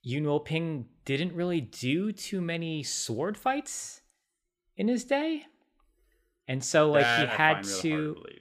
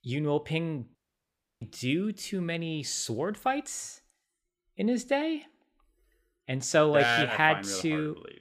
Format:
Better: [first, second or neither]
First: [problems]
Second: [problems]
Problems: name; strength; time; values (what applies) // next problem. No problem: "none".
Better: first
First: none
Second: audio cutting out; at 1 s for 0.5 s